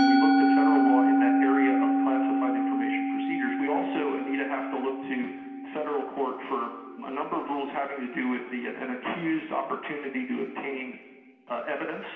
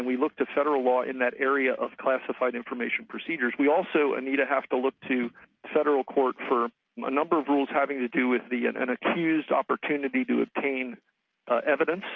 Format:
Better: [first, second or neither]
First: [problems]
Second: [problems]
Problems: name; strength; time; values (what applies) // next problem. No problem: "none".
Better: second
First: background sound (Musical instrument); 4 dB above the speech // room echo; dies away in 1.4 s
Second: none